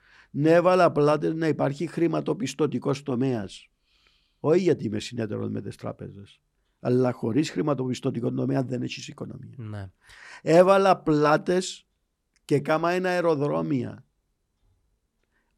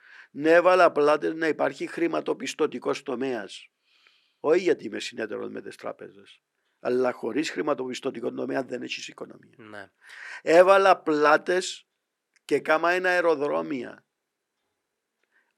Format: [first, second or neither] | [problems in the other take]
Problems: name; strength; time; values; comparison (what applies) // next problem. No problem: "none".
first | thin; somewhat; fading below 400 Hz